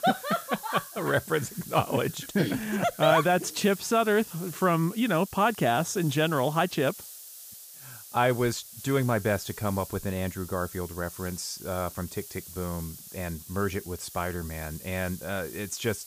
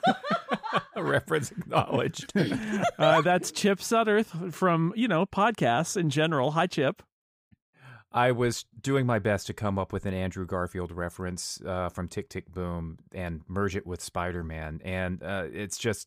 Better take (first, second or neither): second